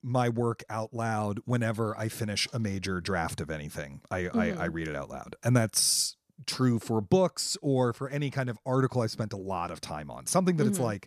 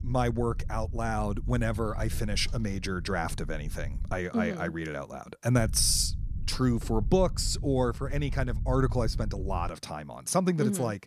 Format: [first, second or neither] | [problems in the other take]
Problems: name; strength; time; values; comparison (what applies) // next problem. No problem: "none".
first | low rumble; faint; until 4 s and from 5.5 to 9.5 s; 20 dB below the speech